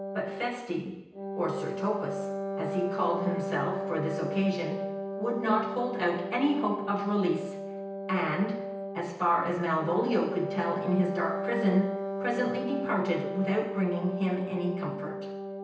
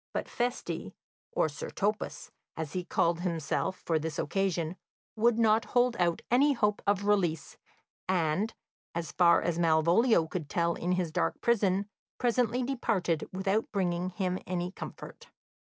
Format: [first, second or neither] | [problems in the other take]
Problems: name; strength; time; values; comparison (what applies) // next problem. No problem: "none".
second | background sound (Wind instrument, woodwind instrument); 5 dB below the speech // room echo; dies away in 0.9 s